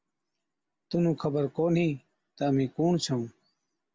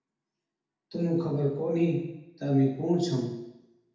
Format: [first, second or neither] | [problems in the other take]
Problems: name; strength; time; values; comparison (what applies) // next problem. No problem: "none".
first | room echo; dies away in 0.8 s